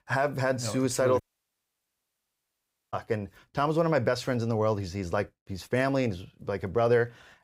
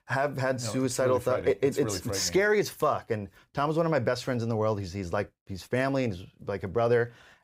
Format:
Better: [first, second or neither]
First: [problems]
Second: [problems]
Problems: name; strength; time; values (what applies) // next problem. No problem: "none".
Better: second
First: audio cutting out; at 1 s for 1.5 s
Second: none